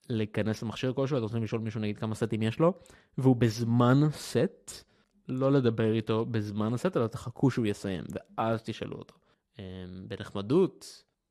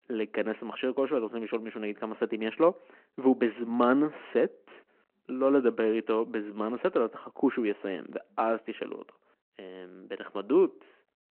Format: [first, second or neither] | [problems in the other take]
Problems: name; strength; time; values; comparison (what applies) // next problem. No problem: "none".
first | phone-call audio